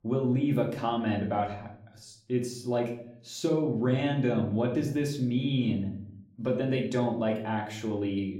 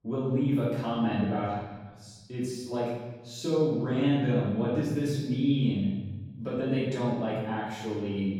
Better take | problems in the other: first | room echo; strong; dies away in 1.3 s; slight in the first // off-mic speech; far; somewhat distant in the first

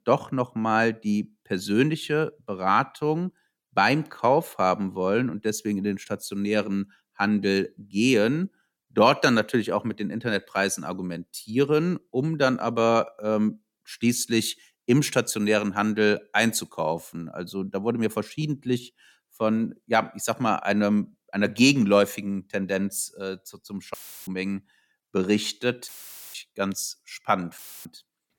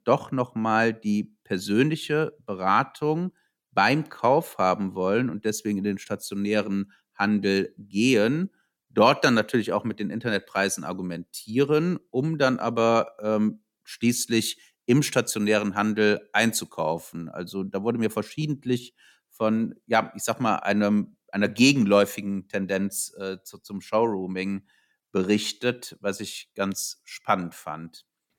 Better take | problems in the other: second | audio cutting out; filled with static; at 24 s, at 26 s and at 28 s

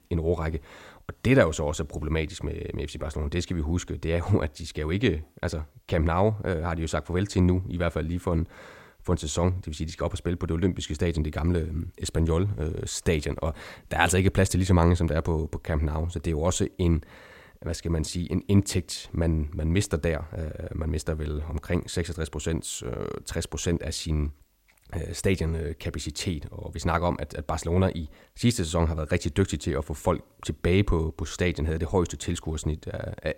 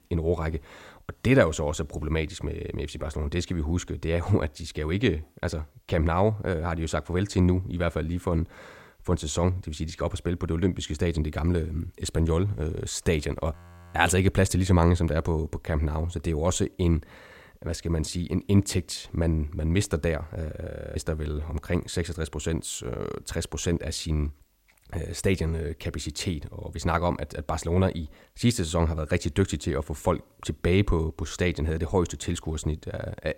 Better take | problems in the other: first | audio freezing; at 14 s and at 21 s

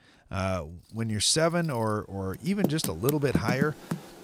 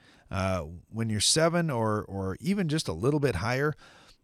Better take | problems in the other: second | household noises; loud; throughout; 4 dB below the speech

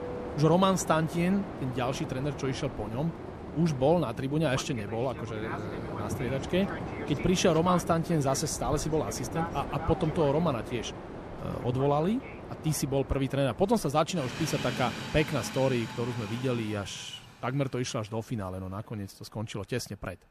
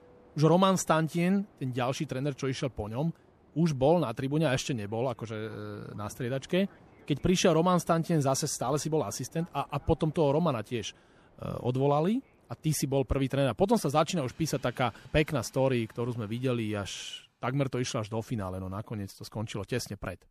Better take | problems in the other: second | train or aircraft noise; loud; throughout; 9 dB below the speech; faint in the second

